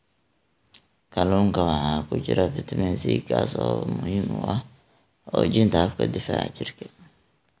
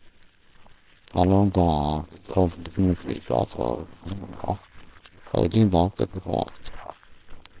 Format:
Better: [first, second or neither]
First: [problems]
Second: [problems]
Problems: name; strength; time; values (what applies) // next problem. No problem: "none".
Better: first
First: none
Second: noise reduction (neural separator model SepFormer WHAMR!)